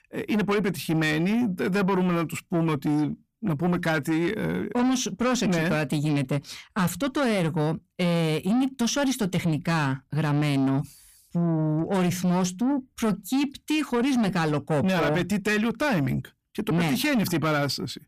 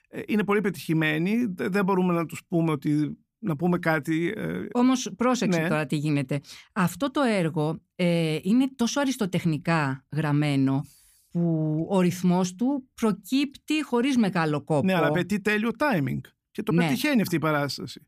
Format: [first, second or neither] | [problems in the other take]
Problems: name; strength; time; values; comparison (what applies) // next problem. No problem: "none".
second | distortion; slight; 10 dB below the speech